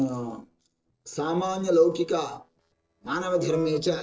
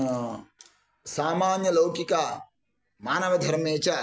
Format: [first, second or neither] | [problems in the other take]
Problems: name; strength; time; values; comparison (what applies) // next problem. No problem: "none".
second | noise reduction (neural separator model SepFormer DNS4)